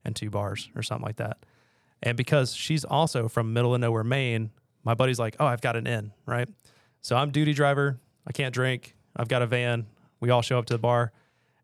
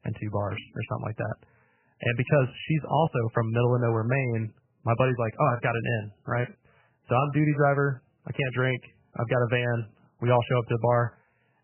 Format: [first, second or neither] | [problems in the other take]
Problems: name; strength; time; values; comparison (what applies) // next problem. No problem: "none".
first | garbled, watery; badly; nothing above 3 kHz